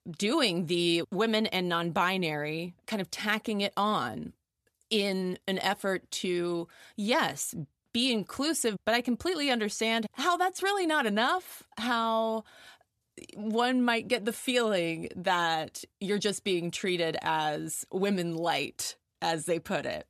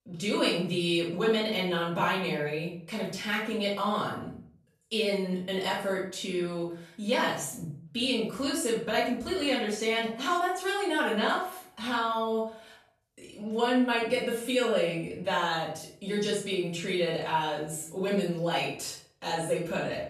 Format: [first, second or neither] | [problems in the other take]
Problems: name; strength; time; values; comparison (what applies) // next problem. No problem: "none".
first | off-mic speech; far // room echo; noticeable; dies away in 0.5 s